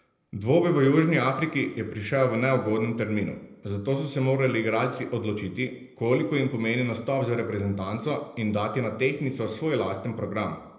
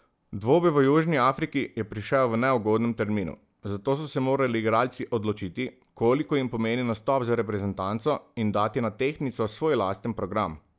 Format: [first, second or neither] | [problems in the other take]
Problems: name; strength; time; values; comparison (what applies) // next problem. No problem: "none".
second | room echo; dies away in 0.7 s